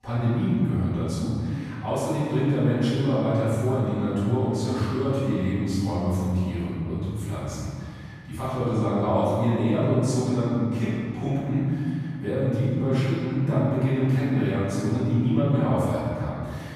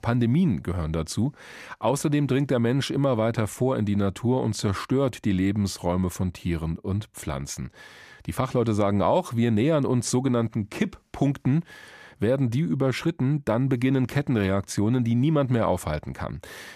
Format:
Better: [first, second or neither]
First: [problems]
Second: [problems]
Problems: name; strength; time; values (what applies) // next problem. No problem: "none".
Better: second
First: off-mic speech; far // room echo; strong; dies away in 2 s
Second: none